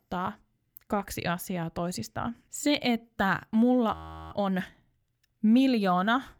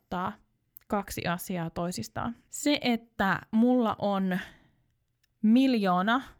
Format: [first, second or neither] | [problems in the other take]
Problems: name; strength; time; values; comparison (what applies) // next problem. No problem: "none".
second | audio freezing; at 4 s